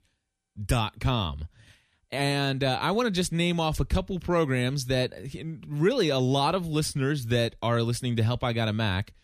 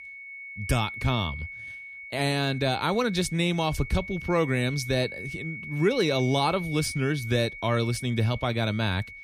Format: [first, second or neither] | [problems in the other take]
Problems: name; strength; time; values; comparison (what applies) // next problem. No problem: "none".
first | high-pitched whine; noticeable; throughout; 2 kHz, 10 dB below the speech